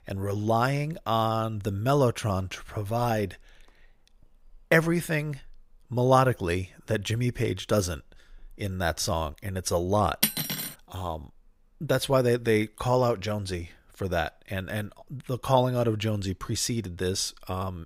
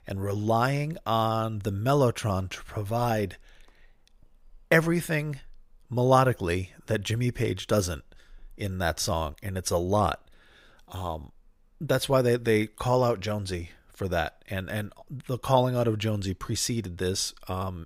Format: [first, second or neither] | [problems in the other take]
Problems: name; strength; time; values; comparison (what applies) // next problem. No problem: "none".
second | clattering dishes; loud; at 10 s; peak 2 dB above the speech